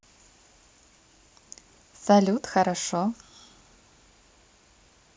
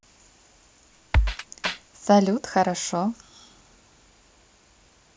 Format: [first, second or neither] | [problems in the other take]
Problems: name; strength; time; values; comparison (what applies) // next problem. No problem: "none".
first | background sound (Drum kit); 2 dB above the speech